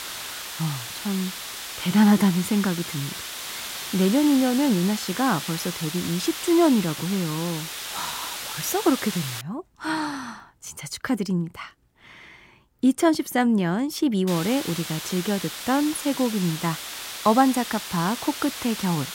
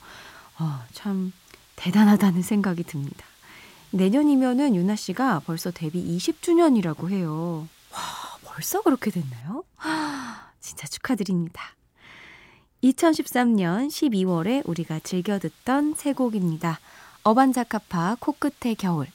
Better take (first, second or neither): second